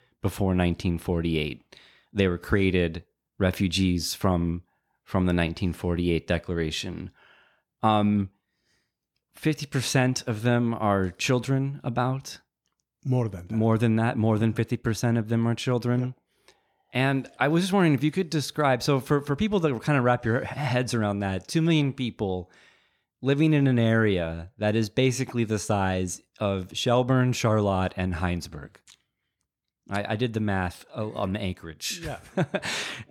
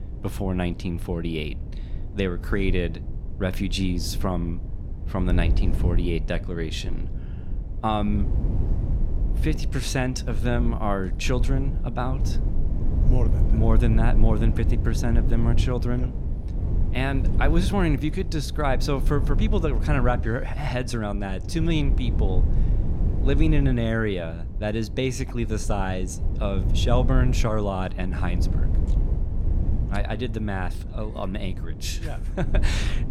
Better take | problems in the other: first | low rumble; noticeable; throughout; 10 dB below the speech

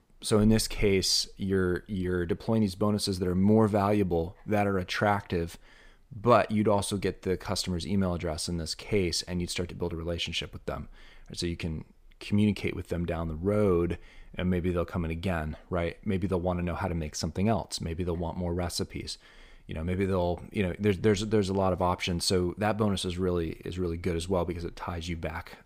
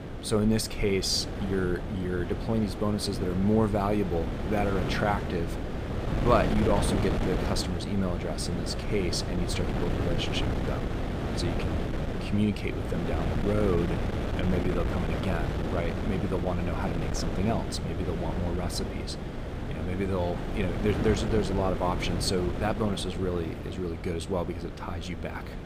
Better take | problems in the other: first | wind noise on the microphone; heavy; 4 dB below the speech

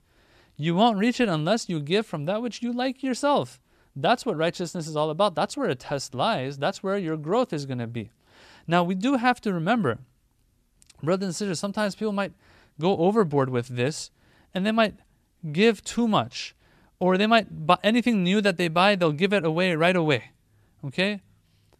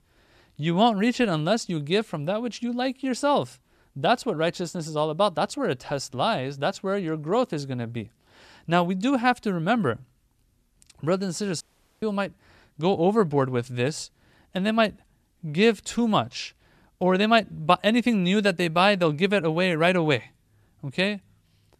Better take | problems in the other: first | audio cutting out; at 12 s

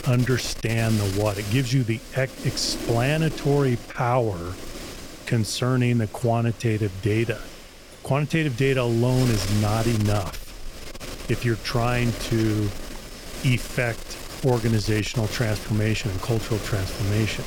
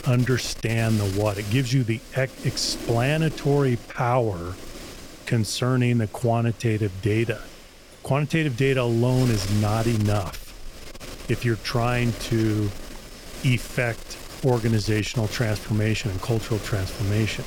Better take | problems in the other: second | wind noise on the microphone; heavy; 9 dB below the speech; occasional gusts in the second

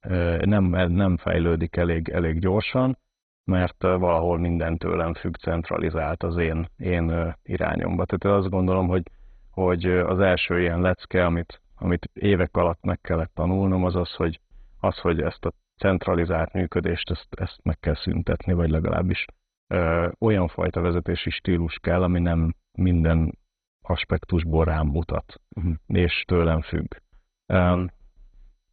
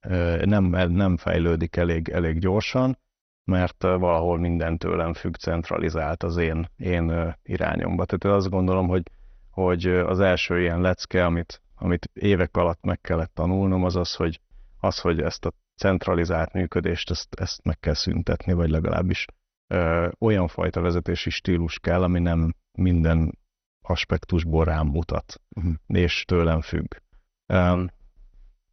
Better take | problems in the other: second | garbled, watery; badly; nothing above 4 kHz; slightly in the second

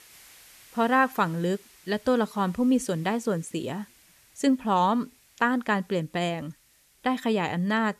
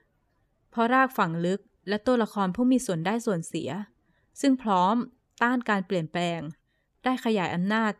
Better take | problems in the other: second | hiss; faint; throughout; 25 dB below the speech

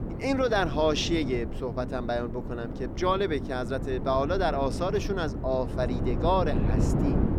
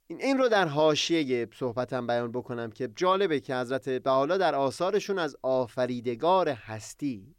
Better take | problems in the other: second | wind noise on the microphone; heavy; 10 dB below the speech

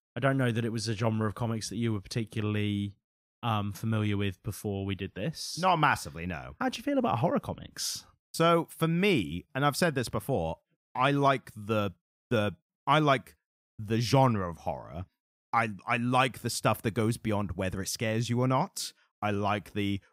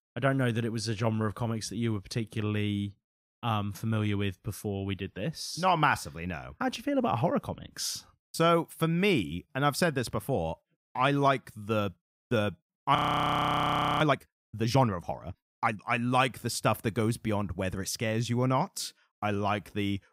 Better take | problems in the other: first | audio freezing; at 13 s for 1 s

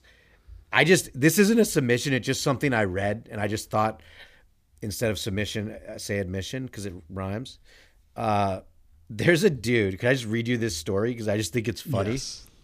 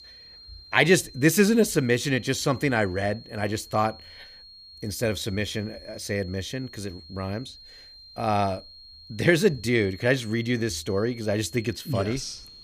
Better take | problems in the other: first | high-pitched whine; noticeable; throughout; 4.5 kHz, 20 dB below the speech

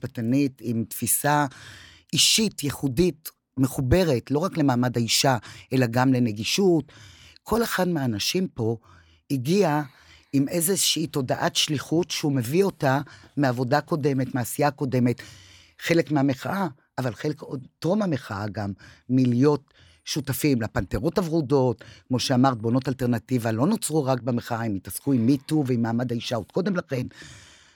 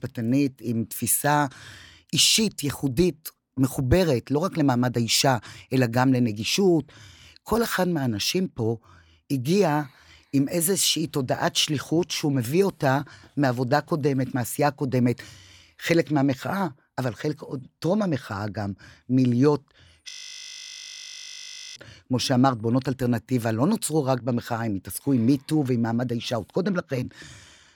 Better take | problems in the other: first | audio freezing; at 20 s for 1.5 s

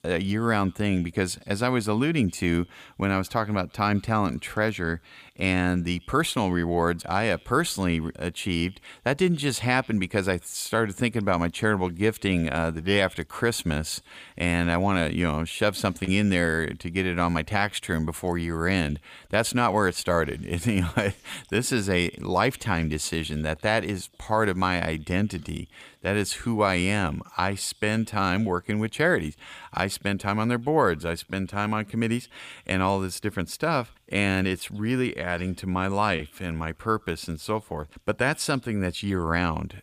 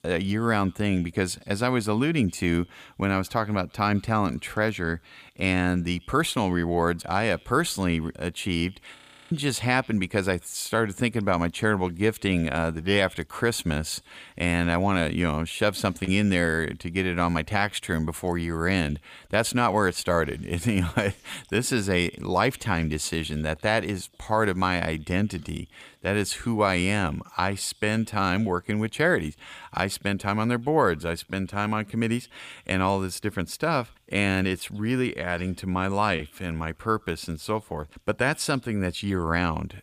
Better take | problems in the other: first | audio freezing; at 9 s

